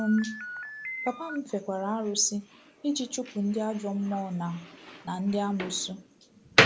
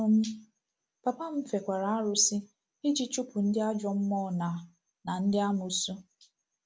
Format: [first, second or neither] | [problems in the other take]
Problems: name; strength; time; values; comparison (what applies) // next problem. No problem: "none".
second | background sound (Slam); 2 dB below the speech